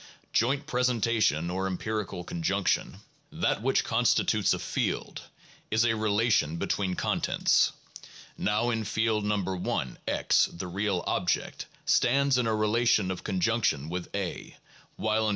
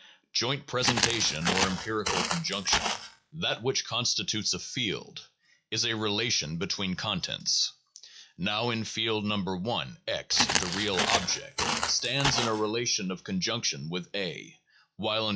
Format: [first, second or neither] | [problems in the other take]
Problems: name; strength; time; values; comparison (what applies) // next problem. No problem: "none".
first | noise reduction (classical method log-MMSE)